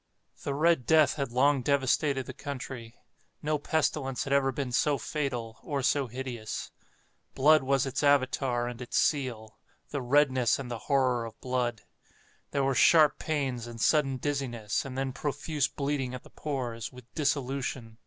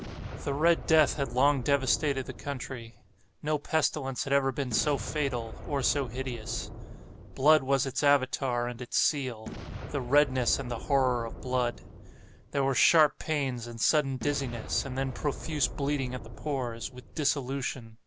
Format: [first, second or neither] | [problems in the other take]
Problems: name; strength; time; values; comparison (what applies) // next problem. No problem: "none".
first | background sound (Boom); 12 dB below the speech